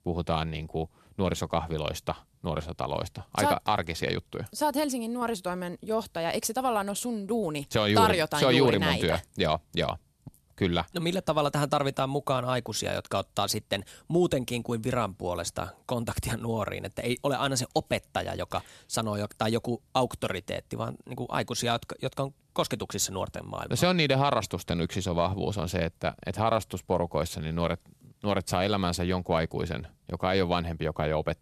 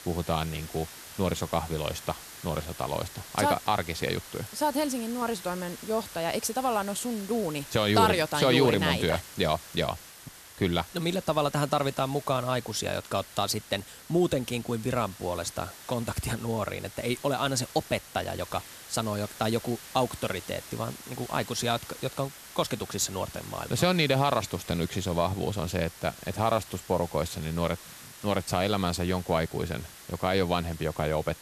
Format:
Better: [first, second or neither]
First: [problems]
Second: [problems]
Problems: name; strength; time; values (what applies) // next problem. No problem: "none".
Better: first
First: none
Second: hiss; noticeable; throughout; 15 dB below the speech